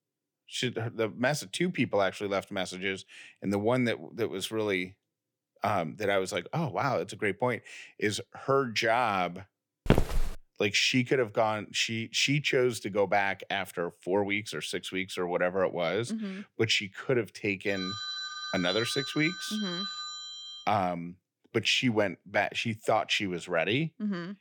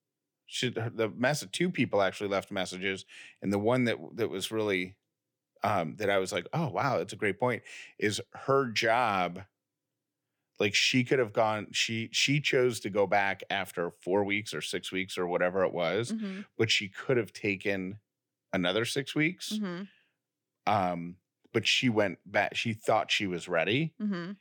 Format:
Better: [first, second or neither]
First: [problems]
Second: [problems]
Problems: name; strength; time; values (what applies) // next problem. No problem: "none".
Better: second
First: footsteps; loud; at 10 s; peak 2 dB above the speech // phone ringing; noticeable; from 18 to 21 s; peak 4 dB below the speech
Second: none